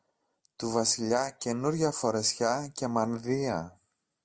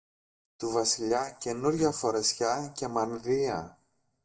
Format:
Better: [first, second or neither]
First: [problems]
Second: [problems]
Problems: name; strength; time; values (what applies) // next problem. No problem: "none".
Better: first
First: none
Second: noise reduction (neural mask model DeepFilterNet 3)